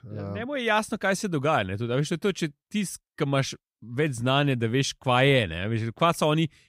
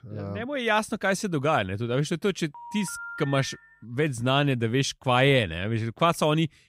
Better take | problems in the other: first | phone ringing; faint; from 2.5 to 3.5 s; peak 10 dB below the speech

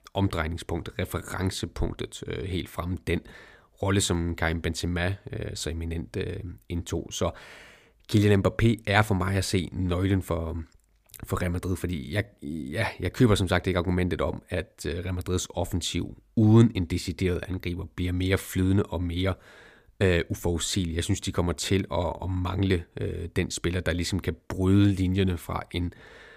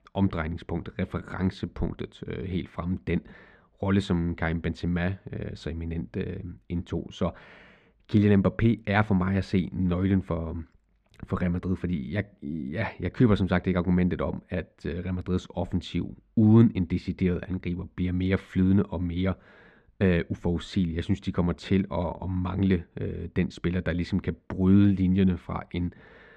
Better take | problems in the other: first | muffled; slightly; fading above 2.5 kHz

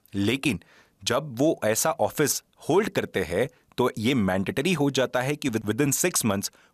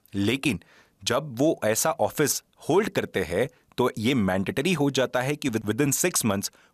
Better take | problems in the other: neither | none

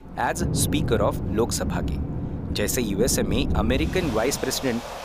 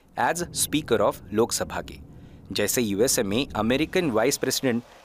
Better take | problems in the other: second | rain or running water; loud; throughout; 3 dB below the speech; faint in the second

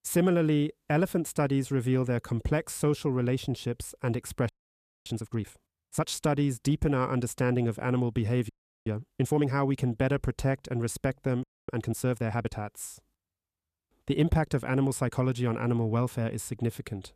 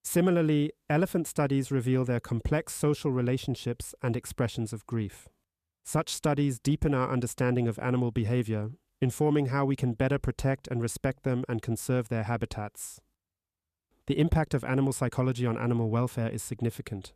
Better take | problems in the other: second | audio freezing; at 4.5 s for 0.5 s, at 8.5 s and at 11 s

